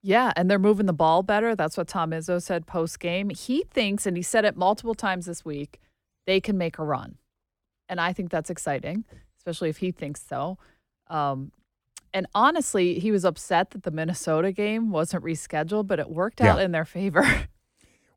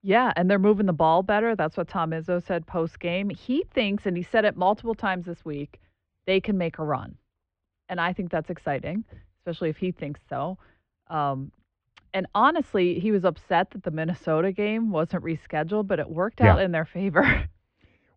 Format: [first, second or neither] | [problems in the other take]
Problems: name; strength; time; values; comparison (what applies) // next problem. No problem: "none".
first | muffled; very; fading above 3.5 kHz